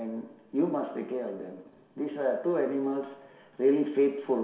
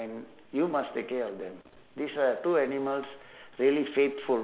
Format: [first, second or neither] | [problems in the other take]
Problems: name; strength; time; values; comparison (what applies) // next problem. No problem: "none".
second | room echo; dies away in 0.7 s